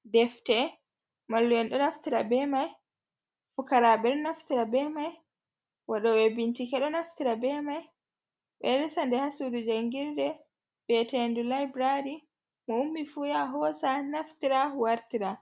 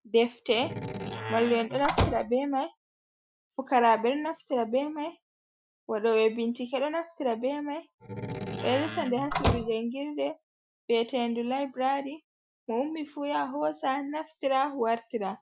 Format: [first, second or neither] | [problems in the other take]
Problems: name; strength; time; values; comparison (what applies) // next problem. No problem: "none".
first | noise reduction (classical method Wiener filter)